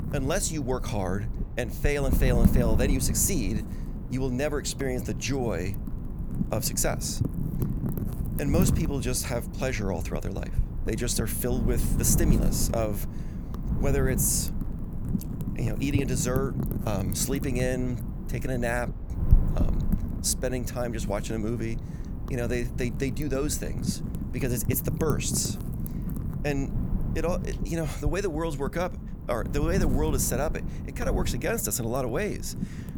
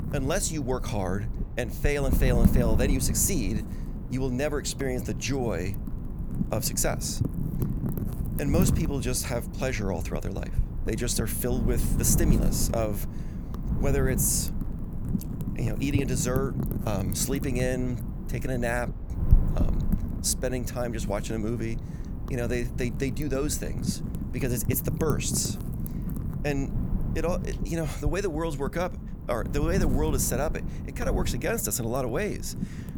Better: neither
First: wind noise on the microphone; heavy; 10 dB below the speech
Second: wind noise on the microphone; heavy; 10 dB below the speech

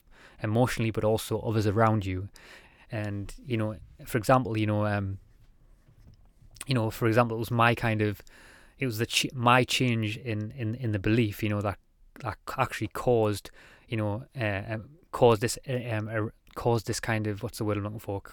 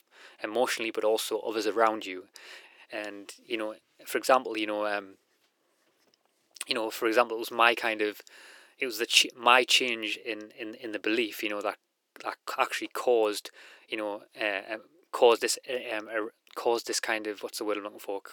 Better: first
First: none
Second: thin; very; fading below 350 Hz

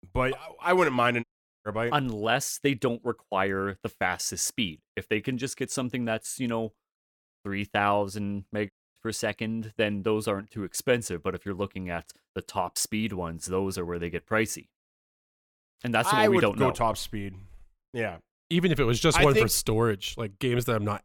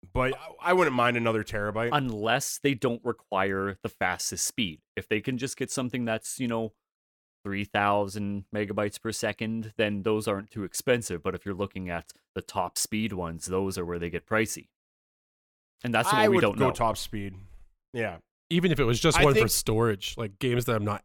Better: second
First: audio cutting out; at 1 s and at 8.5 s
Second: none

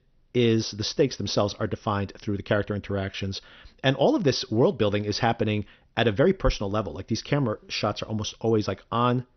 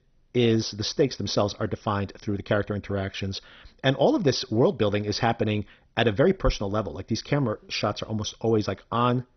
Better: first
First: garbled, watery; slightly; nothing above 6 kHz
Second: garbled, watery; badly; nothing above 6 kHz

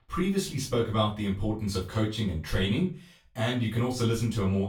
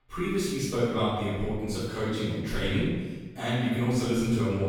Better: first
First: room echo; slight; dies away in 0.3 s // off-mic speech; far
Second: room echo; strong; dies away in 1.1 s // off-mic speech; far

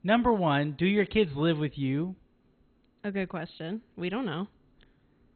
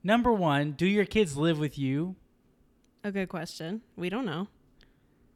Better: second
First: garbled, watery; badly; nothing above 4 kHz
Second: none

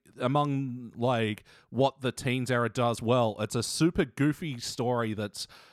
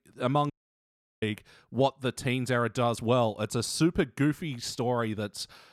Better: first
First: none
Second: audio cutting out; at 0.5 s for 0.5 s

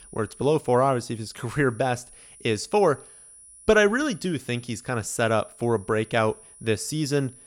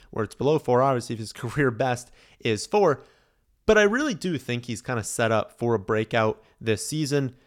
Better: second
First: high-pitched whine; faint; throughout; 10 kHz, 20 dB below the speech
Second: none

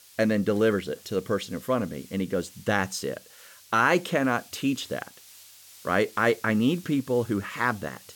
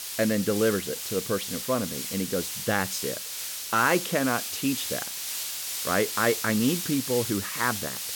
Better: first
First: hiss; faint; throughout; 20 dB below the speech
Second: hiss; loud; throughout; 3 dB below the speech

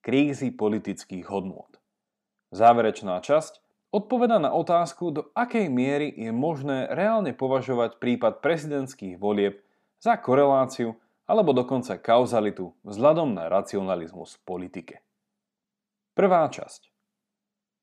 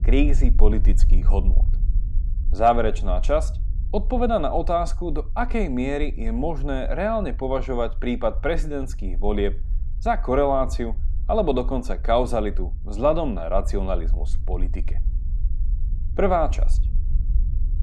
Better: first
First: none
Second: low rumble; faint; throughout; 25 dB below the speech

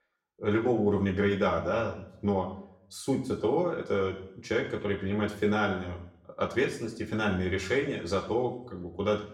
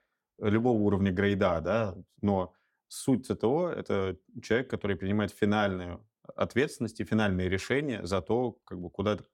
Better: second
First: room echo; slight; dies away in 0.6 s // off-mic speech; somewhat distant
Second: none

